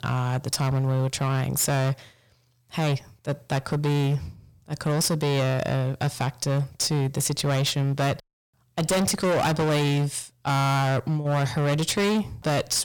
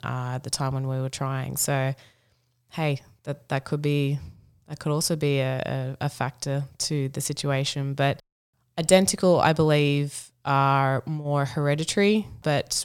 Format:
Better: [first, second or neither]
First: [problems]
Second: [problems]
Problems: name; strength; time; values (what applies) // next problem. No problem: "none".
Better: second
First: distortion; heavy; 21% of the sound clipped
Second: none